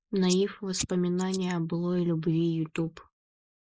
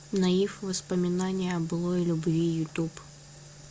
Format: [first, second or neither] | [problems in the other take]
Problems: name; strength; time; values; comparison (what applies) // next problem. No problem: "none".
second | noise reduction (neural mask model Resemble Enhance denoiser)